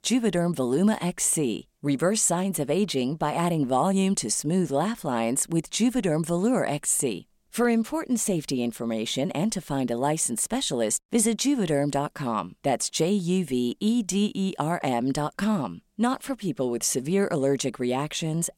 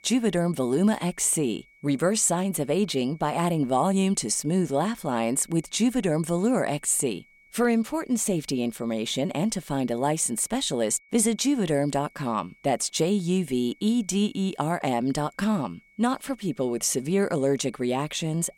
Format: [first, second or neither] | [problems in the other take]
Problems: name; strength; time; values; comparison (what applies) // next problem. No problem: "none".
first | high-pitched whine; faint; throughout; 2 kHz, 30 dB below the speech